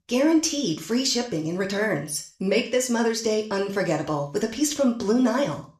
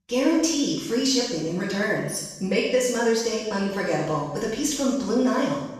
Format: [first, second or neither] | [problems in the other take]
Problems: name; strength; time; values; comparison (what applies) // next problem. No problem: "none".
first | room echo; strong; dies away in 0.9 s; slight in the first // off-mic speech; far